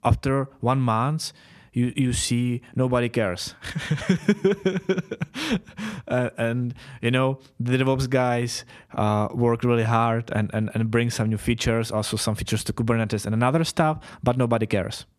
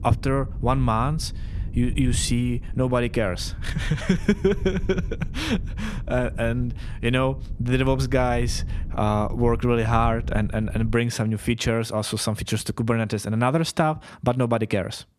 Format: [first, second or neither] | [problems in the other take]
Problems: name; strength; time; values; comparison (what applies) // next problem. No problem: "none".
first | wind noise on the microphone; occasional gusts; until 11 s; 20 dB below the speech